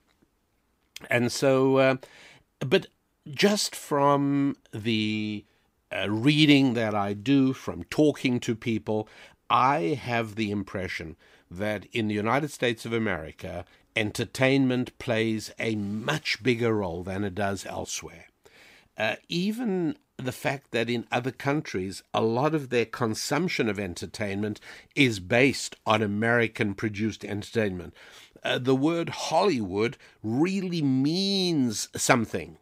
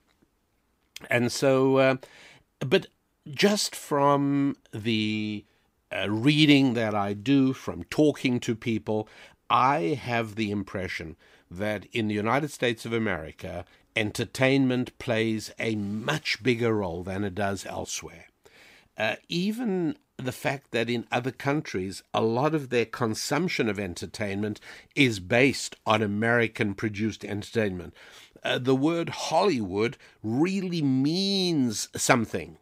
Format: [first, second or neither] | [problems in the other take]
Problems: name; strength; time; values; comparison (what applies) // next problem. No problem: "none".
neither | none